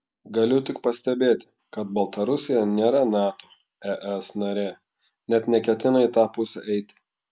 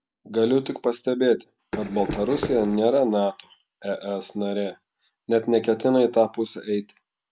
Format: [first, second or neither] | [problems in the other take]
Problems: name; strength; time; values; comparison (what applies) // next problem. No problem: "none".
first | background sound (Run); 8 dB below the speech